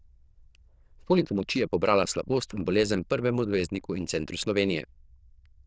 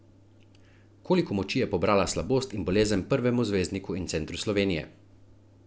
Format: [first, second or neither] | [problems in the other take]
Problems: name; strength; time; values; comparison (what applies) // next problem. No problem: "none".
second | noise reduction (neural diffusion model UNIVERSE++)